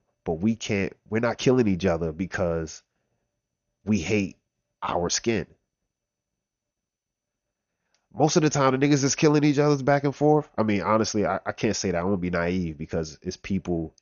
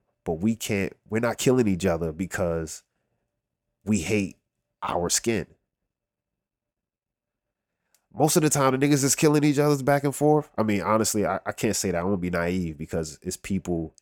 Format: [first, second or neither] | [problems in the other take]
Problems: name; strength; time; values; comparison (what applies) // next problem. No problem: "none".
second | garbled, watery; slightly; nothing above 6.5 kHz